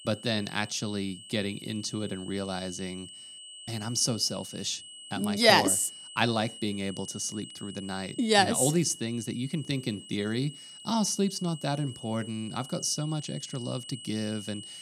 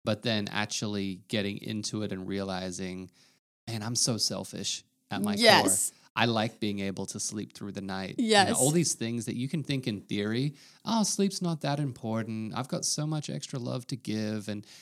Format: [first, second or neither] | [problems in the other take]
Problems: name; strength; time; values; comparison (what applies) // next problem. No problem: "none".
second | high-pitched whine; noticeable; throughout; 3 kHz, 15 dB below the speech